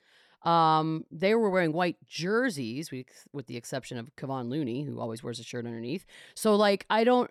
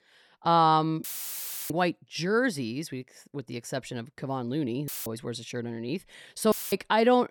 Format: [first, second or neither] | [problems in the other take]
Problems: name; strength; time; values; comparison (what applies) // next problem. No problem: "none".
first | audio cutting out; filled with static; at 1 s for 0.5 s, at 5 s and at 6.5 s